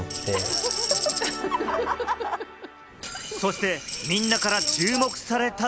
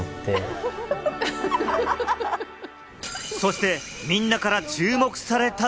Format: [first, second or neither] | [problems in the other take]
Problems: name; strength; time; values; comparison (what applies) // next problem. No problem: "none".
second | background sound (Tambourine); 1 dB below the speech